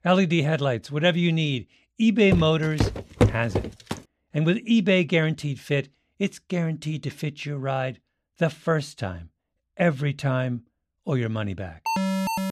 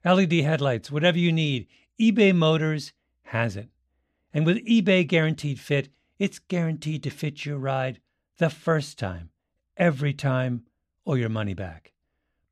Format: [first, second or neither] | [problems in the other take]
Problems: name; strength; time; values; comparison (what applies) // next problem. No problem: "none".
second | footsteps; loud; from 2.5 to 4 s; peak 2 dB above the speech // alarm; noticeable; at 12 s; peak level with the speech